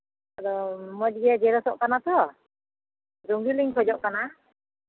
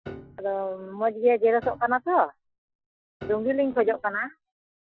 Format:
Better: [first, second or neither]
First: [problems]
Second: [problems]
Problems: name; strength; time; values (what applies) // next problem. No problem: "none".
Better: first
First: none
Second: noise reduction (classical method Wiener filter)